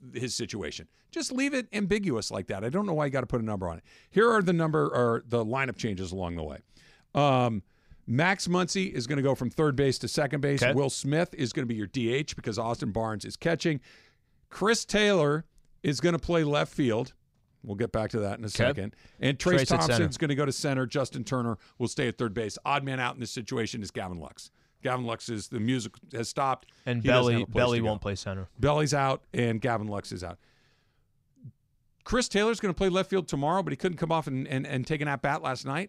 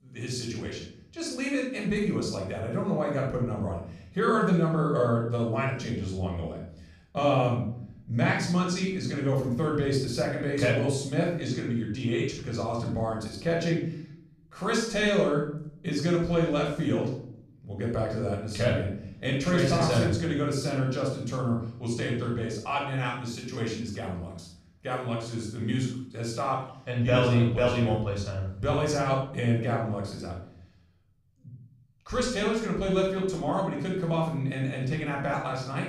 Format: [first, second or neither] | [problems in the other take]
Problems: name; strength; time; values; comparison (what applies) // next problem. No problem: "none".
first | off-mic speech; far // room echo; noticeable; dies away in 0.6 s